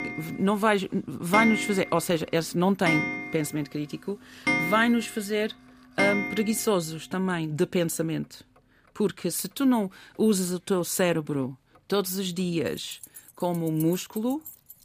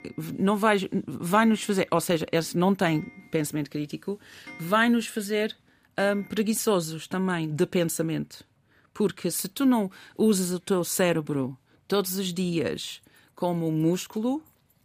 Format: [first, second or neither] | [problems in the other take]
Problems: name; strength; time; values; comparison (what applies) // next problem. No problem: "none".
second | household noises; loud; throughout; 3 dB below the speech; faint in the second